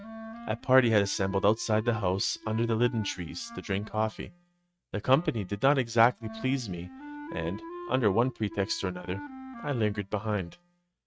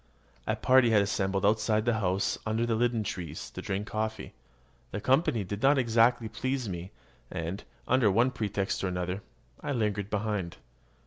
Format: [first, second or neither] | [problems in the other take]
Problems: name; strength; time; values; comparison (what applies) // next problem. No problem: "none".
second | noise reduction (neural mask model RNNoise)